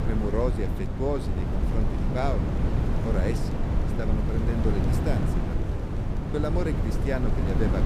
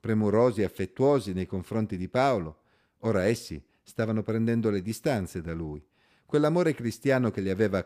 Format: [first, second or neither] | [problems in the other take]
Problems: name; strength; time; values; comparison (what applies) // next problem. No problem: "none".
second | wind noise on the microphone; heavy; 2 dB below the speech